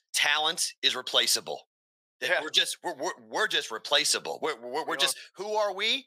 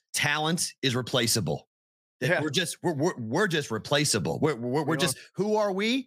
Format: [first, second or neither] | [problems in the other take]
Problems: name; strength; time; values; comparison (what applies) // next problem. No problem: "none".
second | thin; very; fading below 650 Hz